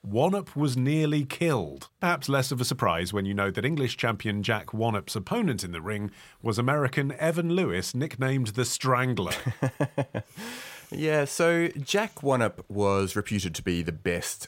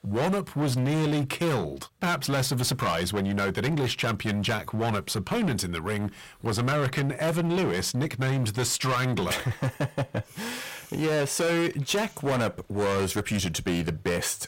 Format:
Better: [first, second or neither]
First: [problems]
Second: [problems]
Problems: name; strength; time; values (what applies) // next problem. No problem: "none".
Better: first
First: none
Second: distortion; heavy; 21% of the sound clipped